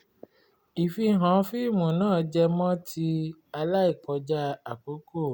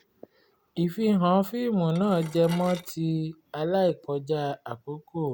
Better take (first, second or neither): first